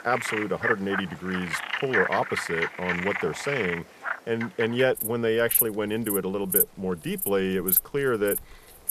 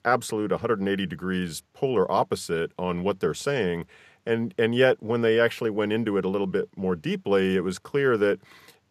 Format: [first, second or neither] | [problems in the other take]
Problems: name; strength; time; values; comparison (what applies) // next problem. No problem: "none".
second | animal sounds; loud; throughout; as loud as the speech